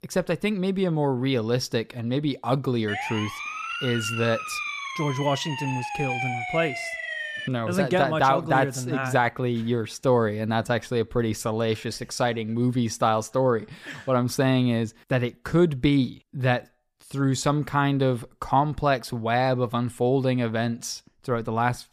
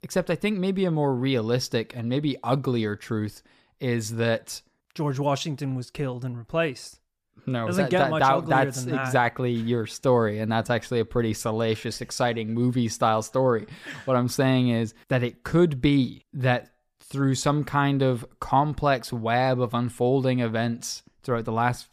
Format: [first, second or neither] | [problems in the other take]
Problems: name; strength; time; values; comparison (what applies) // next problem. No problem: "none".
second | siren; noticeable; from 3 to 7.5 s; peak 3 dB below the speech